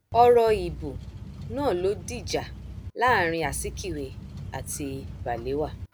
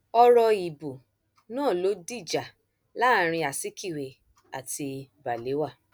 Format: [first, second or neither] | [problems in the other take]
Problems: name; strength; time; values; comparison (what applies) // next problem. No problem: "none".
second | background sound (Boat, Water vehicle); 11 dB below the speech